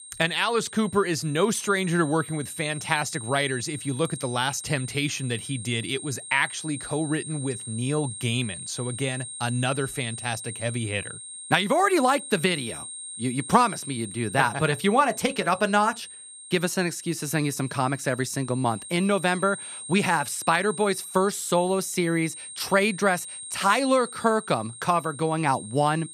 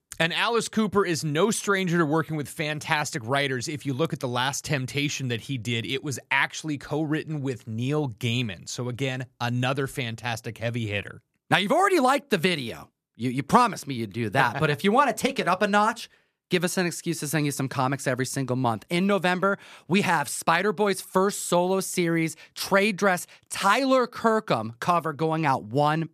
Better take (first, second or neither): second